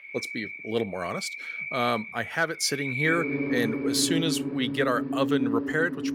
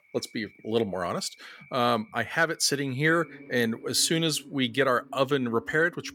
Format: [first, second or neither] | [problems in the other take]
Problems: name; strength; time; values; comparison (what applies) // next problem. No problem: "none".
second | animal sounds; loud; throughout; 3 dB below the speech; faint in the second